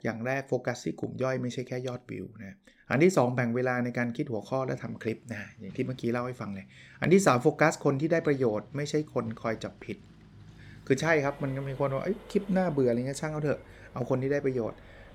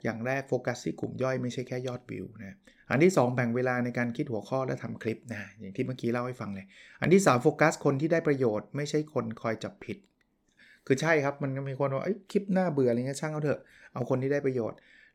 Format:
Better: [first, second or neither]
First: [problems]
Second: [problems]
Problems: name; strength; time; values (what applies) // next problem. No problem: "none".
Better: second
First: traffic noise; faint; from 4.5 s on; 25 dB below the speech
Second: none